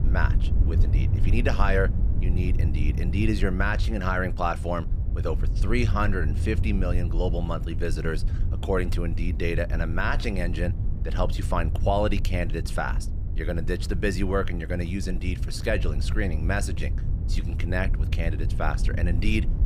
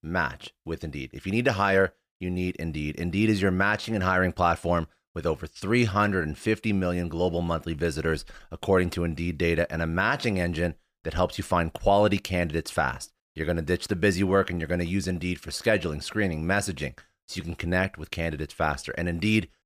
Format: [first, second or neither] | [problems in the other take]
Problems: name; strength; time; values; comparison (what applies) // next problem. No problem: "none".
second | low rumble; noticeable; throughout; 15 dB below the speech